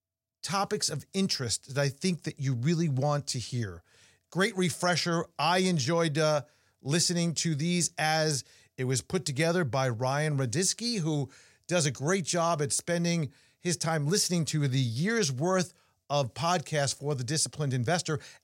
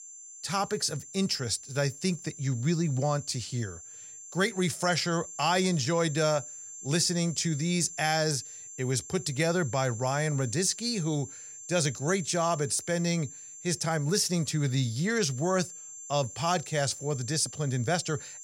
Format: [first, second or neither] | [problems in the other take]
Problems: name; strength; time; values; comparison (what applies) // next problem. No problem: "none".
first | high-pitched whine; noticeable; throughout; 7.5 kHz, 15 dB below the speech